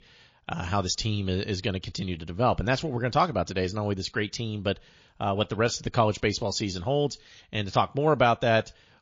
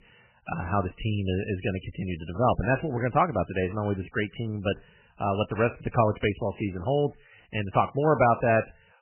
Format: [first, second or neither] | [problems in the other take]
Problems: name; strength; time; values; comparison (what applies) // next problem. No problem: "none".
first | garbled, watery; badly; nothing above 3 kHz; slightly in the first